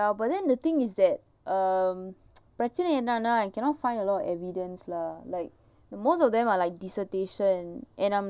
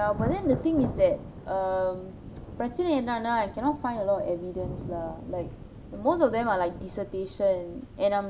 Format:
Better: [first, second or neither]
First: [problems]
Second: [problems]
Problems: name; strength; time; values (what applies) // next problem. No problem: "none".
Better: first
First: none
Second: background sound (Thunder / Rain); 11 dB below the speech // room echo; dies away in 0.5 s